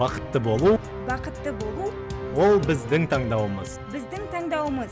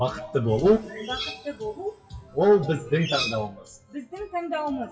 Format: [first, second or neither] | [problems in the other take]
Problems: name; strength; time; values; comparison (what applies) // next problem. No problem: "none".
first | noise reduction (classical method WPE with log-MMSE)